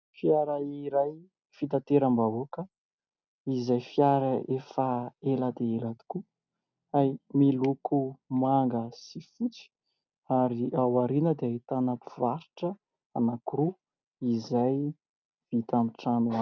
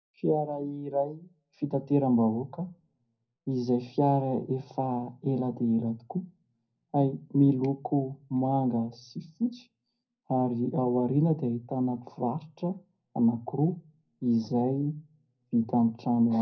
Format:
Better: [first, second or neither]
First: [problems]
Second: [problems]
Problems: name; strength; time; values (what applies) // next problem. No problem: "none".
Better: first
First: none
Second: room echo; dies away in 0.5 s